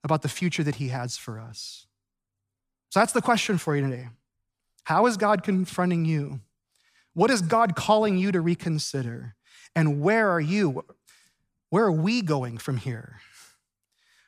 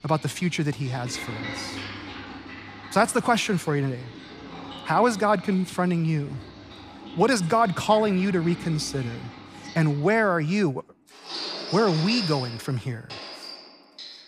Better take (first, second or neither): first